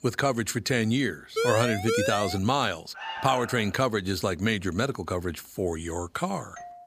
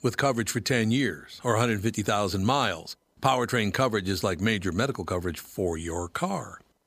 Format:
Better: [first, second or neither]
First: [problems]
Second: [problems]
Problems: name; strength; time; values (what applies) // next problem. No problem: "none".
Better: second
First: siren; loud; from 1.5 to 2.5 s; peak level with the speech // alarm; noticeable; at 3 s; peak 7 dB below the speech // doorbell; very faint; at 6.5 s; peak 15 dB below the speech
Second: none